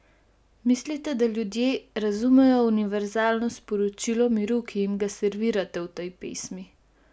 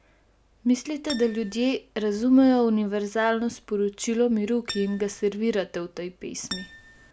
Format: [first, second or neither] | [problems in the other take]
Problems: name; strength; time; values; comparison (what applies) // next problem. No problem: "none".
first | background sound (Acoustic guitar); 14 dB below the speech